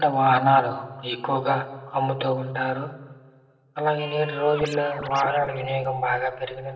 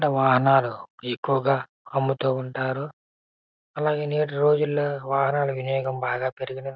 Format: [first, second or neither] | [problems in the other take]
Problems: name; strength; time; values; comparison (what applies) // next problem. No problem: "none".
second | background sound (Scratching (performance technique)); 12 dB below the speech // room echo; dies away in 2.1 s